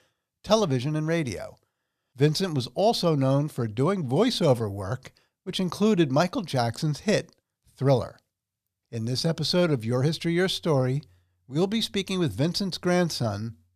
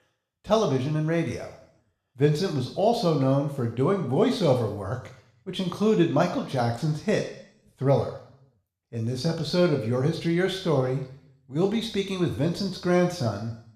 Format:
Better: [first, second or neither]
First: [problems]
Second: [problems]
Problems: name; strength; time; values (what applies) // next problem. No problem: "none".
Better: first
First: none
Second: room echo; slight; dies away in 0.7 s // off-mic speech; somewhat distant